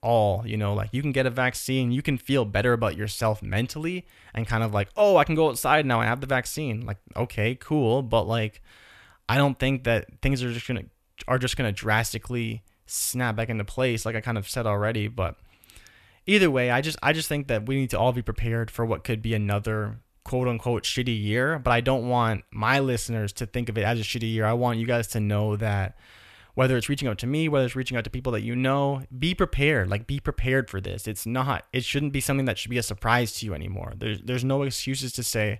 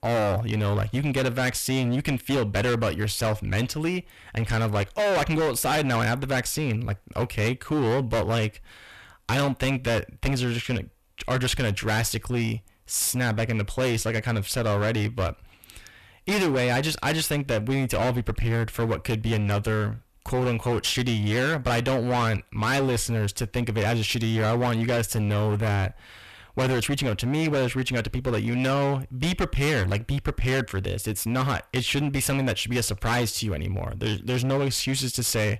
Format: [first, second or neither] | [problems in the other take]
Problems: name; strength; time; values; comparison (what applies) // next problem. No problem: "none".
first | distortion; heavy; 22% of the sound clipped